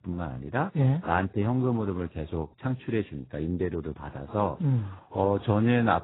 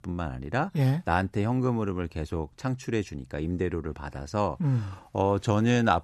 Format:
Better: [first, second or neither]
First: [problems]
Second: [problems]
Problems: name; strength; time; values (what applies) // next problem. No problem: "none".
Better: second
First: garbled, watery; badly; nothing above 4 kHz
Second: none